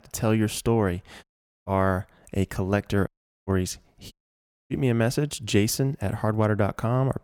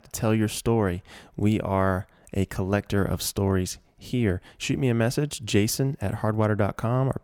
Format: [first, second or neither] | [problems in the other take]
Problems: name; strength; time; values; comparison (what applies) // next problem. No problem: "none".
second | audio cutting out; at 1 s, at 3 s and at 4 s for 0.5 s